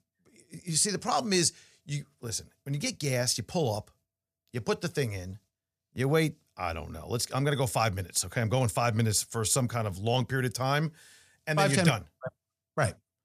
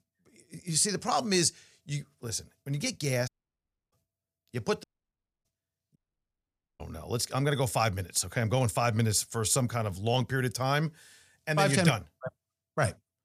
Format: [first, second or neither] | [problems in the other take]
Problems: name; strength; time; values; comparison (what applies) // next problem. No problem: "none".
first | audio cutting out; at 3.5 s for 0.5 s, at 5 s for 0.5 s and at 6 s for 1 s